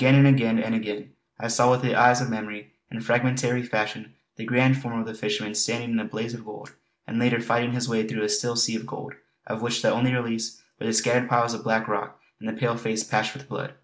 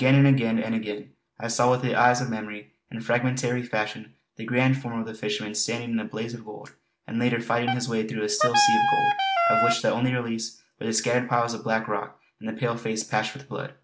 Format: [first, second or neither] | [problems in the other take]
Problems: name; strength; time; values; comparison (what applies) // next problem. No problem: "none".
first | background sound (Wind instrument, woodwind instrument); 3 dB above the speech